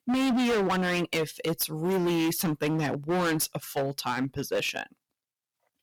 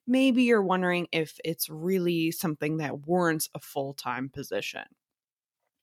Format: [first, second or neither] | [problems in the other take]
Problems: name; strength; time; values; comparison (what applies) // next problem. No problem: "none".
second | distortion; heavy; 20% of the sound clipped